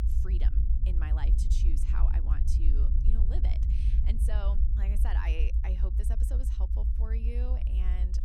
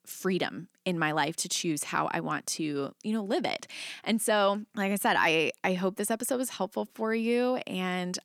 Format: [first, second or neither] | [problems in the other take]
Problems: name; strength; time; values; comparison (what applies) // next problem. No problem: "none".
second | low rumble; loud; throughout; 3 dB below the speech